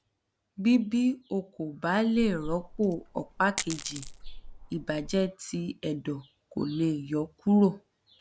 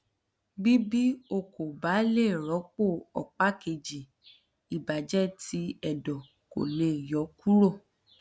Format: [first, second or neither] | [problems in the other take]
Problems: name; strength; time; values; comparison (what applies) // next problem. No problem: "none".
second | background sound (Coin (dropping)); 11 dB below the speech